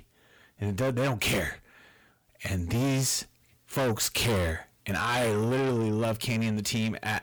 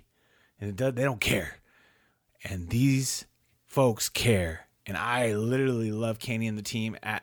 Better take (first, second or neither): second